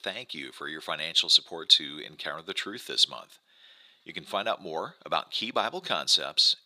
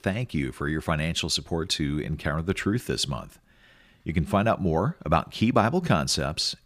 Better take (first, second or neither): second